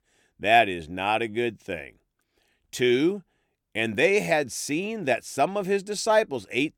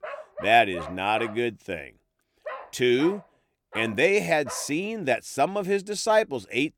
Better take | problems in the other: first | dog barking; faint; until 4.5 s; peak 15 dB below the speech

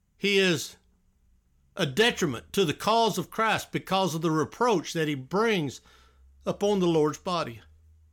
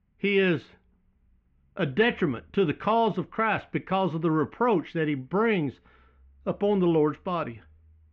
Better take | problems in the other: first | muffled; very; fading above 2.5 kHz

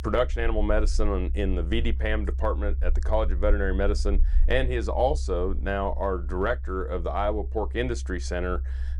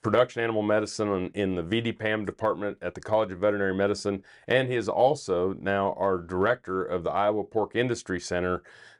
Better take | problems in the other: second | low rumble; faint; throughout; 20 dB below the speech

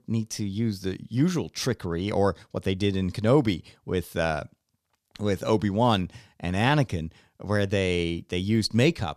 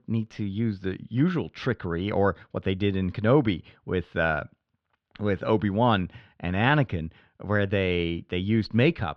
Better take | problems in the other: first | muffled; slightly; fading above 3 kHz

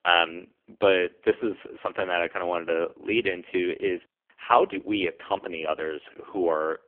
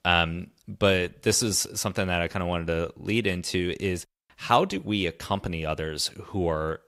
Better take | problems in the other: second | phone-call audio; poor line; nothing above 3 kHz

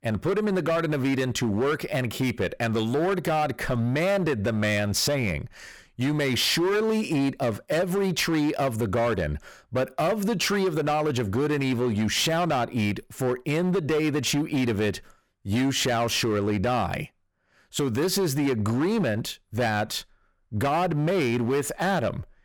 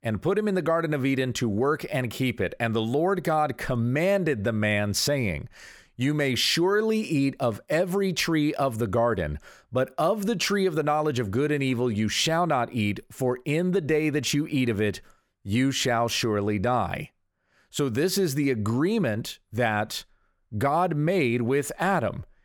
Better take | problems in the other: second | distortion; slight; 16% of the sound clipped

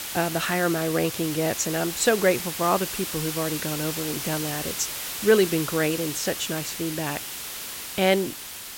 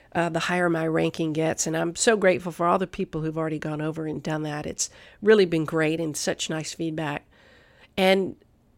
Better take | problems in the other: second | hiss; loud; throughout; 5 dB below the speech

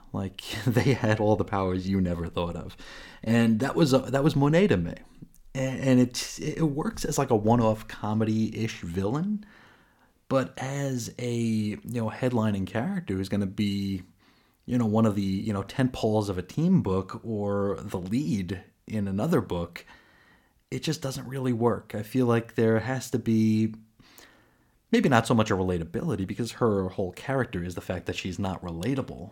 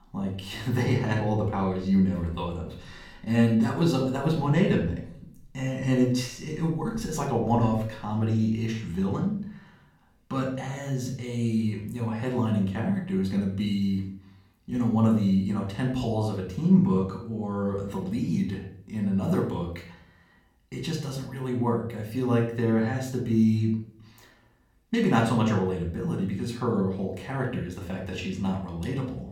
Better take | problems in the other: first | room echo; slight; dies away in 0.5 s // off-mic speech; somewhat distant

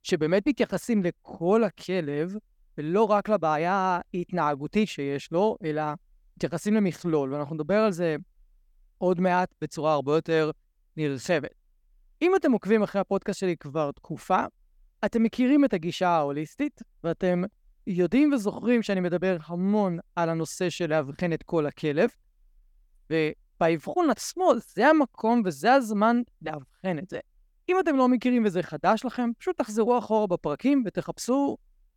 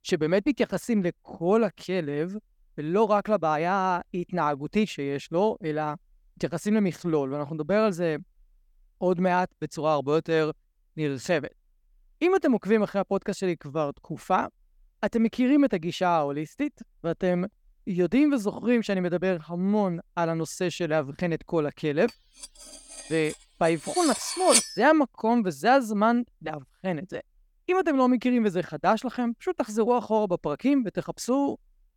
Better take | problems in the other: first | clattering dishes; loud; at 24 s; peak 4 dB above the speech

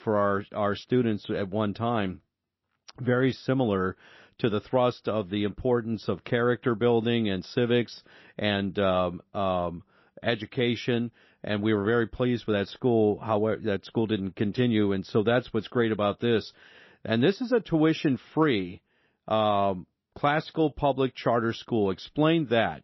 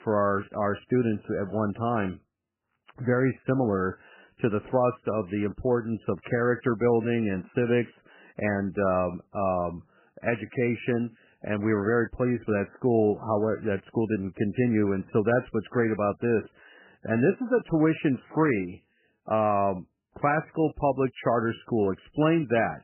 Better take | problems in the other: first | garbled, watery; badly; nothing above 3 kHz; slightly in the first

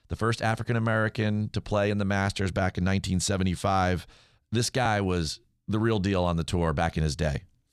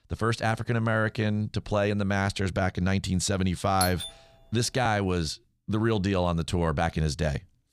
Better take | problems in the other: first | doorbell; noticeable; at 4 s; peak 4 dB below the speech

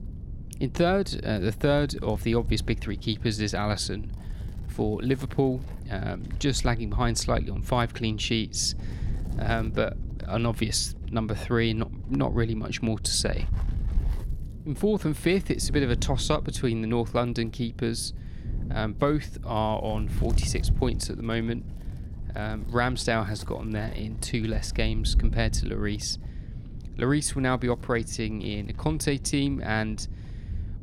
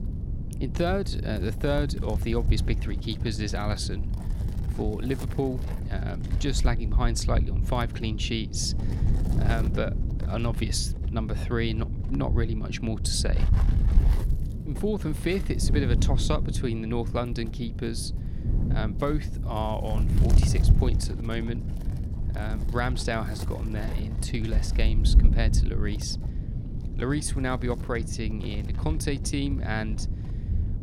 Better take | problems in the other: first | wind noise on the microphone; heavy; 10 dB below the speech; occasional gusts in the first

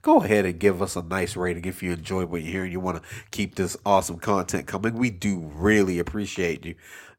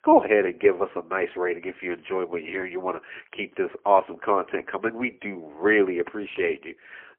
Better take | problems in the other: first | phone-call audio; poor line

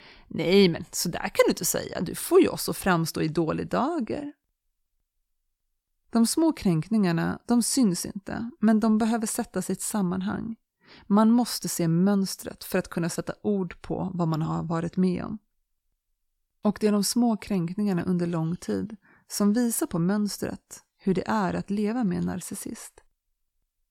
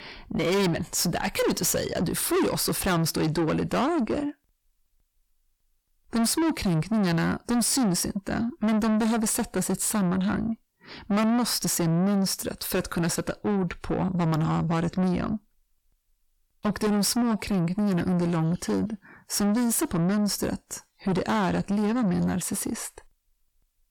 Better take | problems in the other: first | distortion; heavy; 6 dB below the speech

